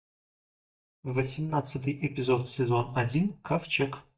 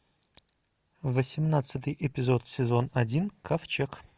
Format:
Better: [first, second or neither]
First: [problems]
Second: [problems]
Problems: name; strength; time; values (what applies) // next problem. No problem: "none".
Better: second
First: noise reduction (neural mask model DeepFilterNet 3)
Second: none